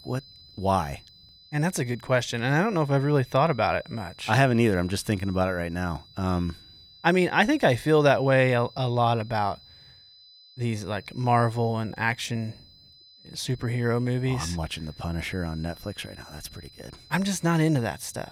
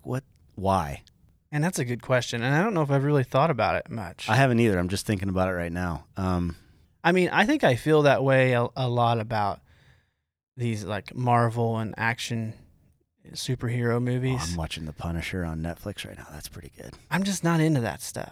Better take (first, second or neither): second